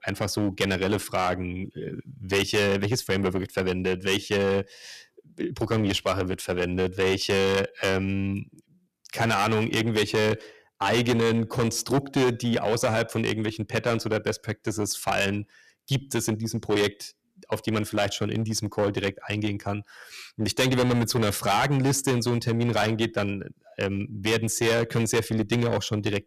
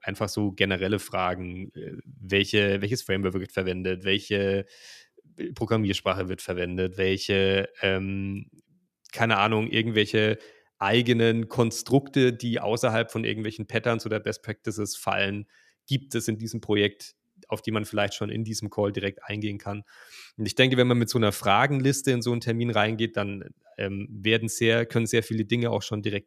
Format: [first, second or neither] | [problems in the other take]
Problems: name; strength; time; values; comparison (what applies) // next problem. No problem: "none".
second | distortion; heavy; 10% of the sound clipped